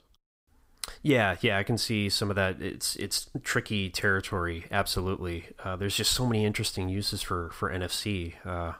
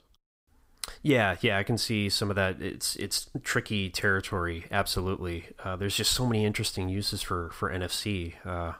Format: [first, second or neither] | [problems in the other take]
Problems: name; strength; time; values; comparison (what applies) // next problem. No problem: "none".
neither | none